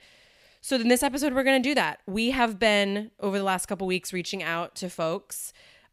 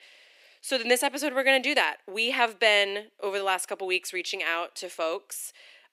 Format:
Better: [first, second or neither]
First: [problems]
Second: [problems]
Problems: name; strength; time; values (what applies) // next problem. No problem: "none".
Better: first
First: none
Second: thin; somewhat; fading below 300 Hz